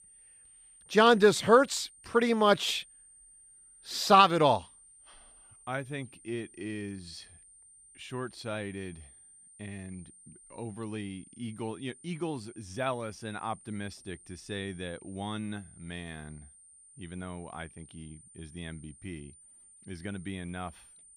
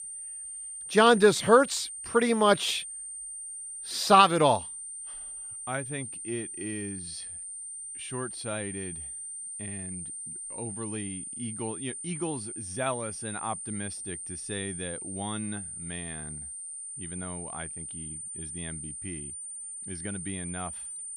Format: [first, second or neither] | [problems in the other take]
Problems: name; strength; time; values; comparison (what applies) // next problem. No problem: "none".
first | high-pitched whine; loud; throughout; 9 kHz, 9 dB below the speech; faint in the first